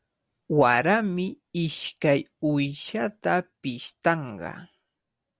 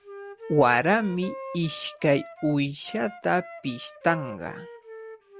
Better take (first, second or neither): first